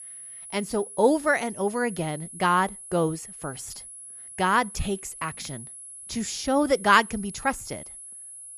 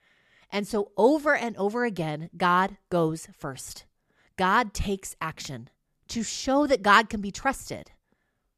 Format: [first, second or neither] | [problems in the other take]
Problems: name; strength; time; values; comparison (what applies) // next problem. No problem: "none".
second | high-pitched whine; noticeable; throughout; 10.5 kHz, 15 dB below the speech